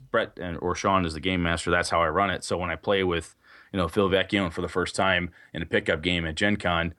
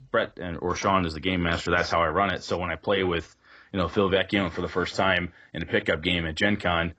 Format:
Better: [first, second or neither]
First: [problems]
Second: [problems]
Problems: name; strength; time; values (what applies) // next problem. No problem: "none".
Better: first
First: none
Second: garbled, watery; badly; nothing above 8 kHz